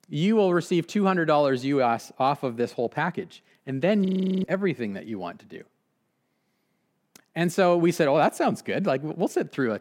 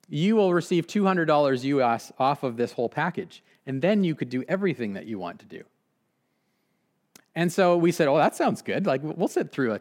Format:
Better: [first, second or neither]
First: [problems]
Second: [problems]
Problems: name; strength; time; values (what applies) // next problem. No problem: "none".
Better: second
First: audio freezing; at 4 s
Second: none